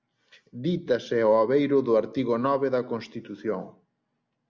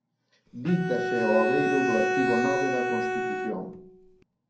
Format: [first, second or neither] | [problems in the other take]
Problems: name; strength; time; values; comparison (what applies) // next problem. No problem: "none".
first | background sound (Bowed string instrument); 1 dB above the speech // room echo; dies away in 0.6 s